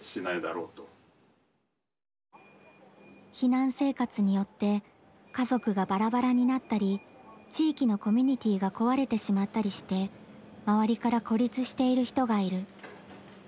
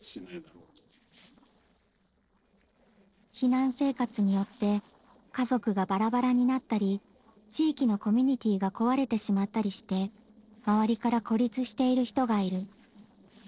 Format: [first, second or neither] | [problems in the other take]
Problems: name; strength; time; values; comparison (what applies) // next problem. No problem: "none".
first | noise reduction (neural separator model SepFormer DNS4)